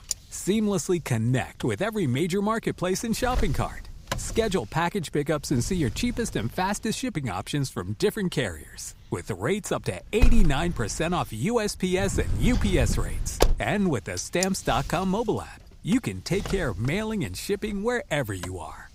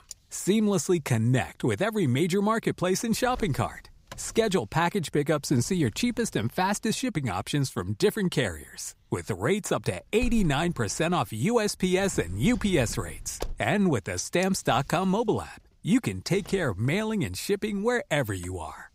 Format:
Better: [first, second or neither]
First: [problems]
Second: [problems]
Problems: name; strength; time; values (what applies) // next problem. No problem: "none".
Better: second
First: wind noise on the microphone; heavy; 9 dB below the speech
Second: wind noise on the microphone; occasional gusts; 20 dB below the speech